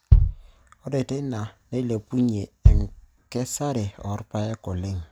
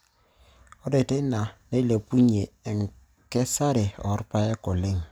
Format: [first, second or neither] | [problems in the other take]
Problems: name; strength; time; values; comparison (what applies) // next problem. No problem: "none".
second | background sound (Bass drum); 5 dB above the speech